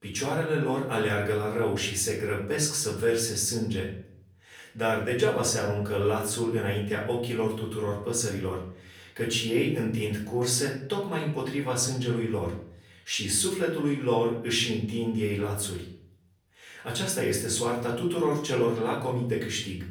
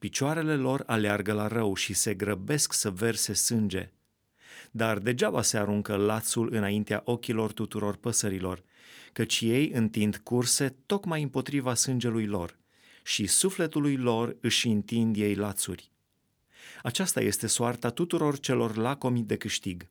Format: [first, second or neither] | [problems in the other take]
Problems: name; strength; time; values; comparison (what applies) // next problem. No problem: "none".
second | off-mic speech; far // room echo; slight; dies away in 0.6 s